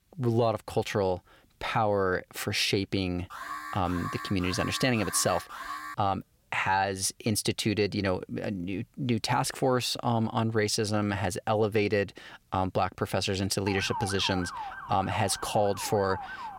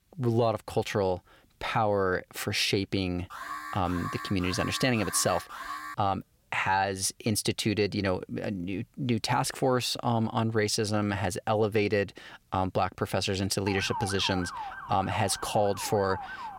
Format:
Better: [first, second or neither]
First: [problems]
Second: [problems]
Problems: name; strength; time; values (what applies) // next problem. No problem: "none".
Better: neither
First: alarm; noticeable; from 3.5 to 6 s; peak 9 dB below the speech // siren; noticeable; from 14 s on; peak 7 dB below the speech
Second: alarm; noticeable; from 3.5 to 6 s; peak 9 dB below the speech // siren; noticeable; from 14 s on; peak 7 dB below the speech